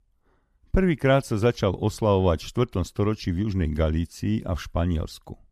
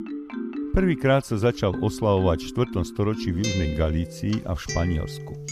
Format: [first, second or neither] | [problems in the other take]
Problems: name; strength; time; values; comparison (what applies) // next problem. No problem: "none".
first | background music; loud; throughout; 9 dB below the speech